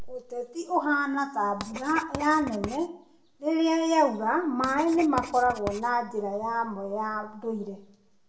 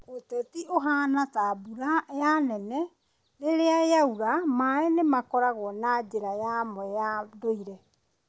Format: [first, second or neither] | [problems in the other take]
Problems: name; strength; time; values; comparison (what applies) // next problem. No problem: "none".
second | background sound (Writing); 14 dB below the speech // room echo; dies away in 0.6 s